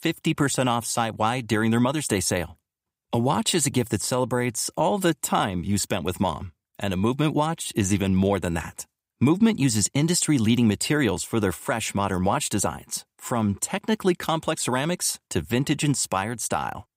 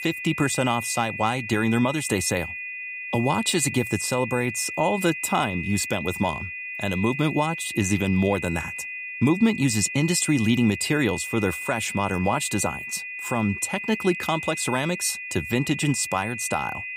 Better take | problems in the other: first | high-pitched whine; loud; throughout; 2.5 kHz, 7 dB below the speech

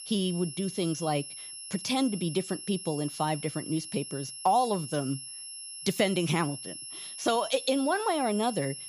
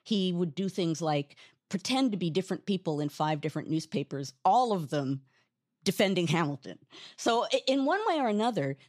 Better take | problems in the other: second | high-pitched whine; loud; throughout; 11 kHz, 9 dB below the speech

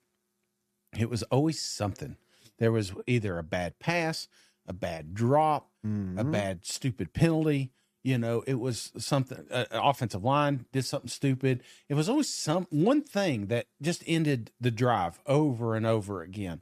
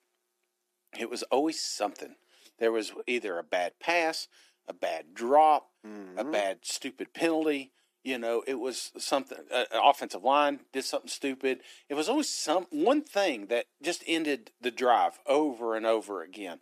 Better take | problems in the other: first | thin; somewhat; fading below 300 Hz

